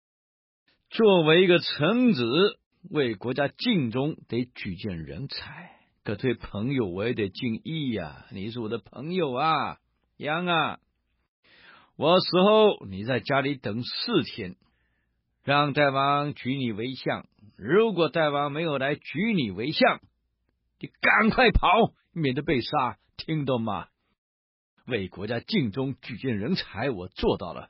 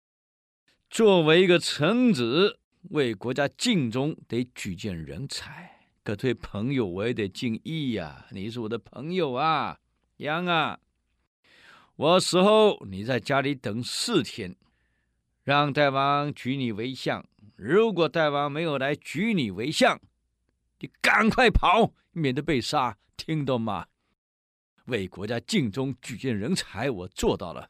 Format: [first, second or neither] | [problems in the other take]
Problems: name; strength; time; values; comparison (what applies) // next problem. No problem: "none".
second | garbled, watery; badly; nothing above 5 kHz